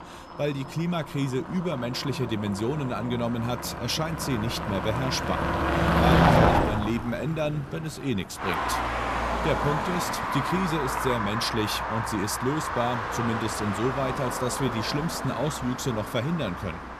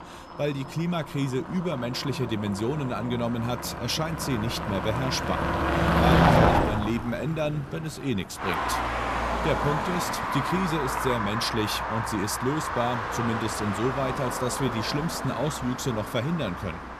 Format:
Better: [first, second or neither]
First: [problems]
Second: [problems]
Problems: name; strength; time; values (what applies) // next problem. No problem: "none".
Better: neither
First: traffic noise; very loud; throughout; 1 dB above the speech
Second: traffic noise; very loud; throughout; 1 dB above the speech